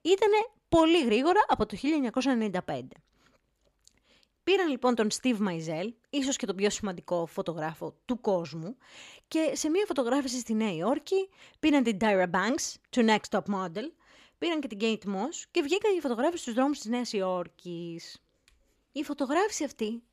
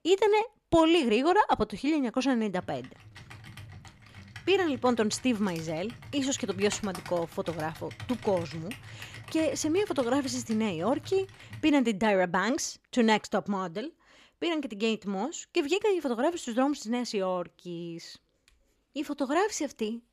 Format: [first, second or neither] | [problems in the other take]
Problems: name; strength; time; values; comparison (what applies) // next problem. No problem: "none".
first | keyboard typing; faint; from 2.5 to 12 s; peak 10 dB below the speech